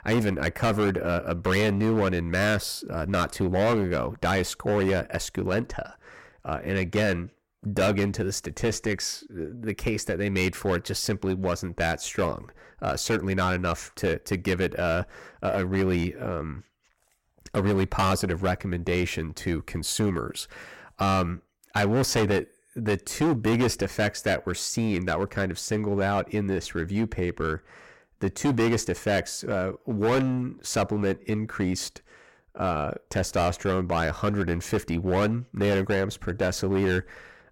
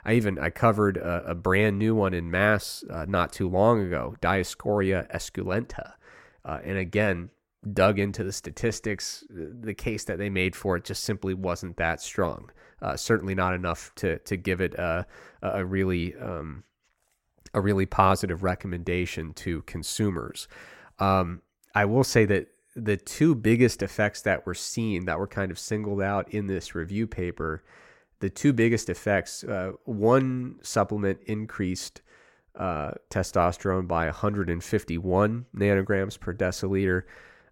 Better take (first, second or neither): second